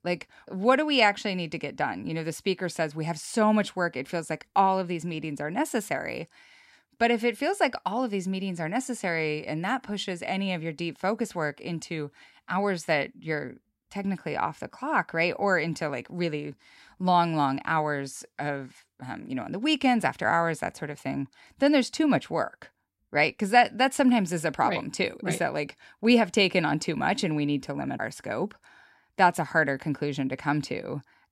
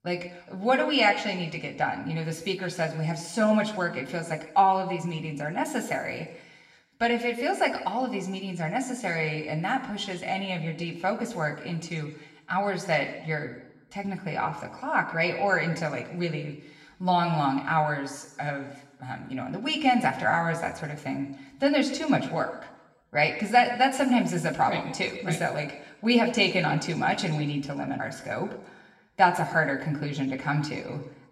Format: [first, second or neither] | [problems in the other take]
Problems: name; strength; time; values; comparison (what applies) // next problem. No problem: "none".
first | room echo; slight; dies away in 0.9 s // off-mic speech; somewhat distant